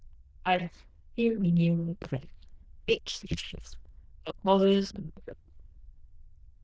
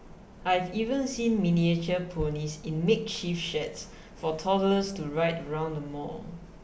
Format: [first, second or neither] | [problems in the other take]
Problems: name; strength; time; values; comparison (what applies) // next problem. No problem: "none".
second | noise reduction (neural diffusion model UNIVERSE++)